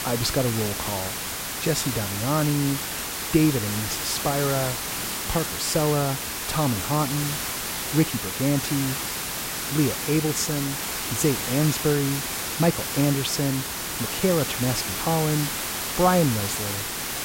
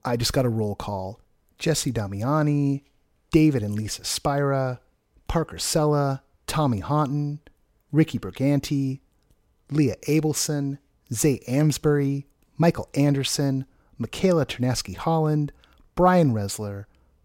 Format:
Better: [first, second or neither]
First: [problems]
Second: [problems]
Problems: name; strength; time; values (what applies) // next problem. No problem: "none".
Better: second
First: hiss; loud; throughout; 2 dB below the speech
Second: none